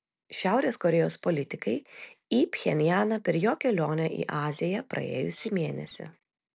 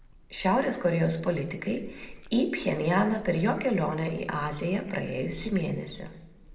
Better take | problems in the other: first | background sound (Chewing, mastication); 19 dB below the speech // room echo; dies away in 0.9 s

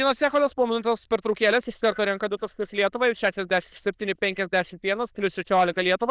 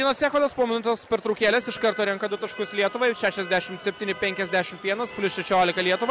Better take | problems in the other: second | noise reduction (neural diffusion model UNIVERSE++)

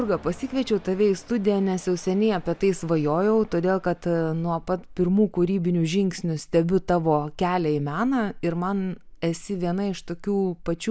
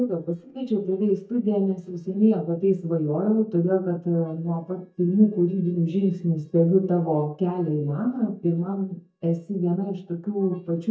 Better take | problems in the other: first | noise reduction (neural mask model DeepFilterNet 3)

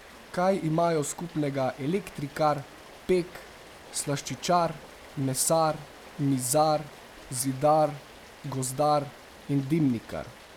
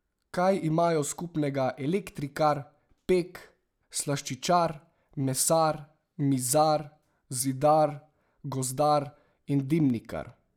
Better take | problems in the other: second | background sound (Rain); 19 dB below the speech

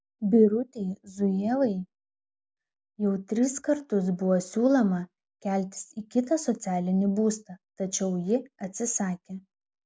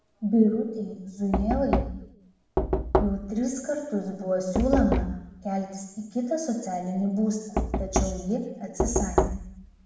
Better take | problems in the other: first | background sound (Knock); 2 dB below the speech // room echo; dies away in 0.9 s

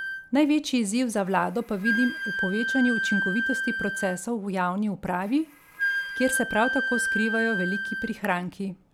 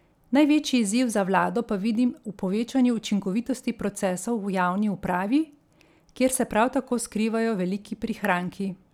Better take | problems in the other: second | background sound (Wind instrument, woodwind instrument); 4 dB below the speech

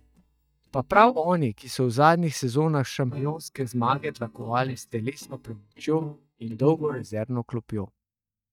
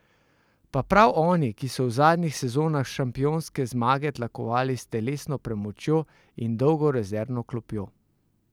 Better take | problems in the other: second | noise reduction (neural mask model DeepFilterNet 3)

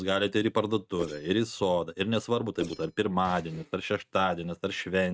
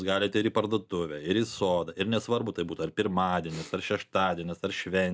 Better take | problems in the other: second | noise reduction (neural mask model RNNoise)

